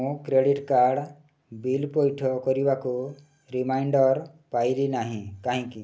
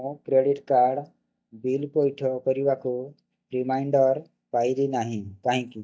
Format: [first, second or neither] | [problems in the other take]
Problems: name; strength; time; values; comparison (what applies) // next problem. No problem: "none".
first | noise reduction (neural mask model DeepFilterNet 3)